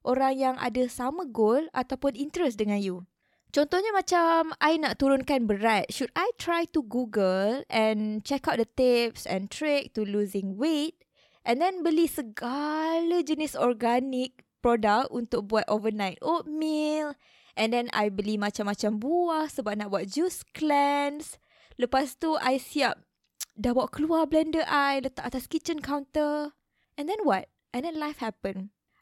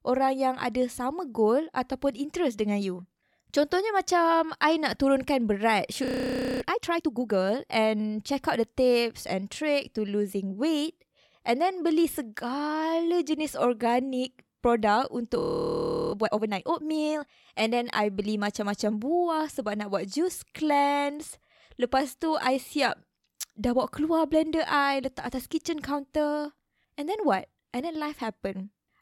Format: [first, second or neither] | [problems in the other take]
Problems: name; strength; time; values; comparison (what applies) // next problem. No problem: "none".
first | audio freezing; at 6 s for 0.5 s and at 15 s for 0.5 s